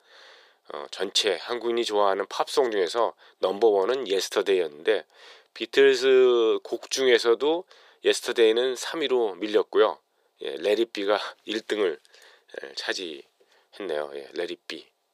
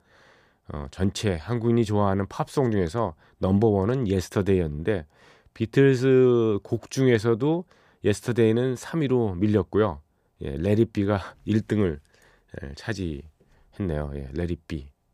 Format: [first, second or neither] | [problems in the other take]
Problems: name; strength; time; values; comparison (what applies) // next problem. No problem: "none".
second | thin; very; fading below 400 Hz